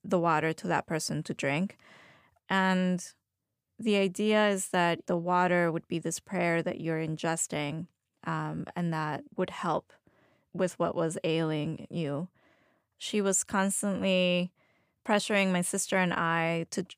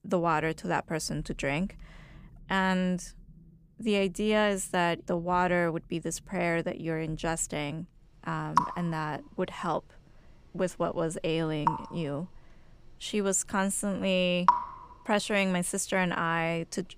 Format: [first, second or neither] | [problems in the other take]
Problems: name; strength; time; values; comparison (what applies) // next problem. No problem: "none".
first | rain or running water; loud; throughout; 1 dB below the speech